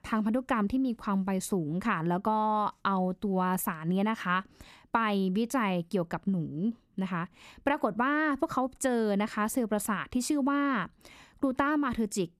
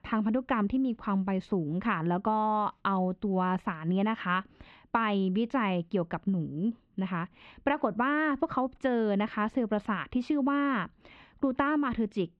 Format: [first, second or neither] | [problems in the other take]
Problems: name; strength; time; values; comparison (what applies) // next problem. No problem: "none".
first | muffled; very; fading above 3.5 kHz